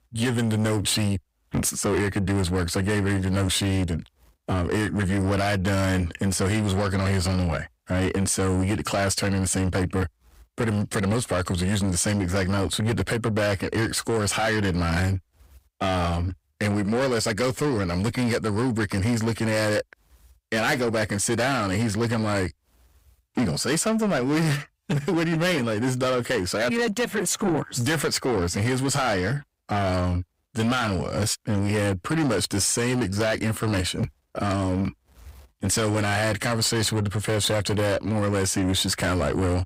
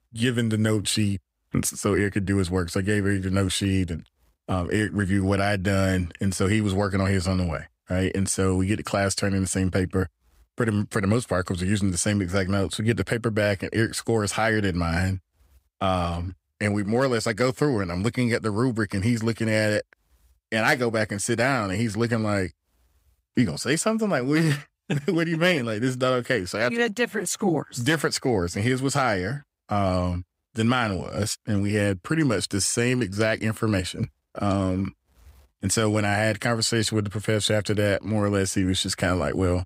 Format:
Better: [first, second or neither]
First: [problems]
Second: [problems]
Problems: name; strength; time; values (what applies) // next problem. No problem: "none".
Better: second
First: distortion; heavy; 7 dB below the speech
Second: none